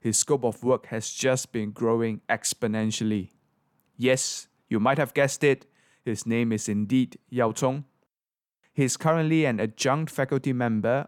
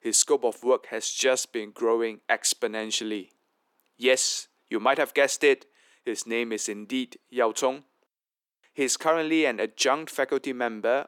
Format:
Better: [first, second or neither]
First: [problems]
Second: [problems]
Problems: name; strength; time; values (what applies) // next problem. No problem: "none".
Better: first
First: none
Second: thin; somewhat; fading below 350 Hz